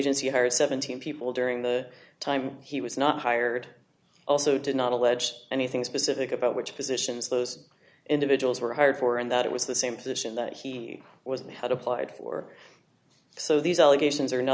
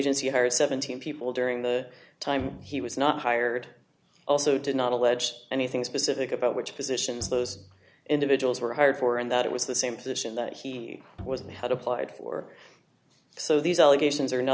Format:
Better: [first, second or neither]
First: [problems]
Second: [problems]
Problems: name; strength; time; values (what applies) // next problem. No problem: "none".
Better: first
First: none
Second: background sound (Bowed string instrument); 19 dB below the speech